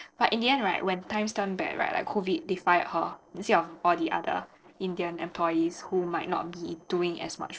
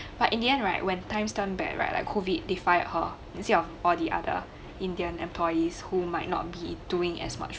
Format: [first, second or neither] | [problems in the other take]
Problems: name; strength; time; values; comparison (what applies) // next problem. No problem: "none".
second | noise reduction (neural separator model SepFormer DNS4)